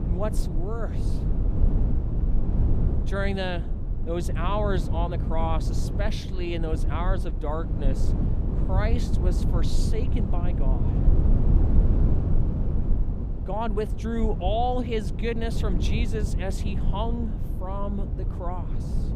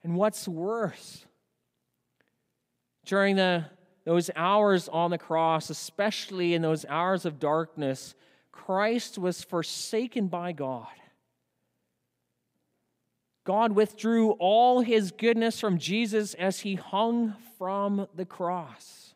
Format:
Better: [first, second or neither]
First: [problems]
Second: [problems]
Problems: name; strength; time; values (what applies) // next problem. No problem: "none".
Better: second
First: low rumble; loud; throughout; 7 dB below the speech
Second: none